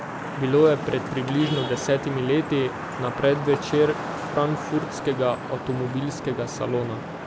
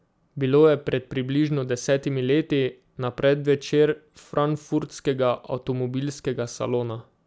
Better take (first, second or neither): second